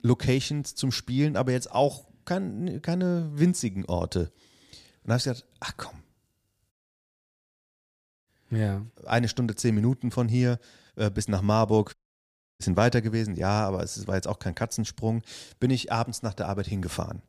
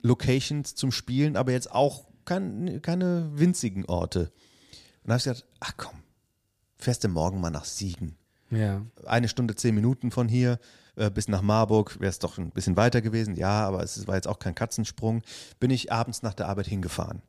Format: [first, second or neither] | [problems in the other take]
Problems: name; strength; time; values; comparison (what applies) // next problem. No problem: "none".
second | audio cutting out; at 6.5 s for 1.5 s and at 12 s for 0.5 s